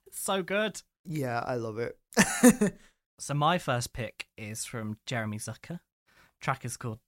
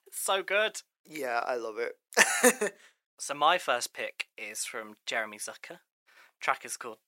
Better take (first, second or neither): first